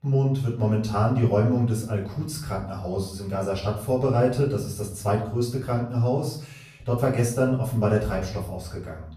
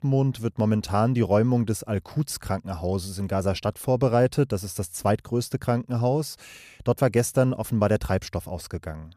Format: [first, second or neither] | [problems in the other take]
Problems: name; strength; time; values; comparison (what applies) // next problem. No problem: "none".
second | off-mic speech; far // room echo; slight; dies away in 0.5 s